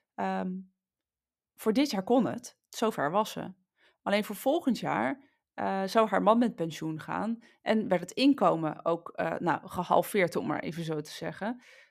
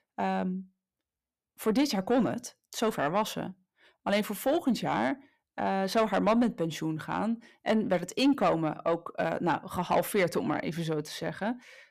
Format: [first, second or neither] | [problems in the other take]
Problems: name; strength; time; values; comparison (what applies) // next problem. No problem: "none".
first | distortion; slight; 10 dB below the speech